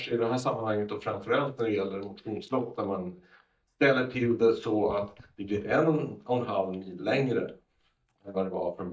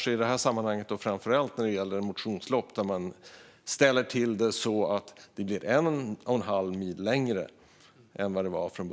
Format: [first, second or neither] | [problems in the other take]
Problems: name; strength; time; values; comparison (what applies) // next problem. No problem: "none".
second | noise reduction (neural mask model DeepFilterNet 3)